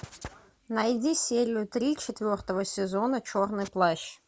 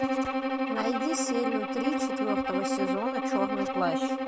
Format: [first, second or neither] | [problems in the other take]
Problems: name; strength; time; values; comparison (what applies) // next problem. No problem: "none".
first | background sound (Bowed string instrument); 4 dB above the speech